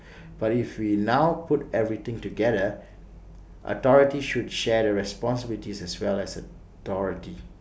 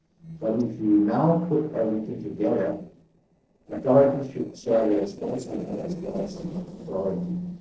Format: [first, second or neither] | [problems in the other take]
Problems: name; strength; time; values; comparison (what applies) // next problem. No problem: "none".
first | noise reduction (neural separator model SepFormer DNS4)